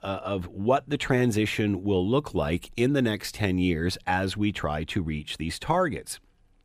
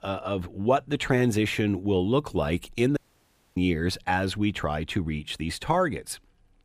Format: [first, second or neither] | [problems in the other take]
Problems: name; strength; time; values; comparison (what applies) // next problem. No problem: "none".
first | audio cutting out; at 3 s for 0.5 s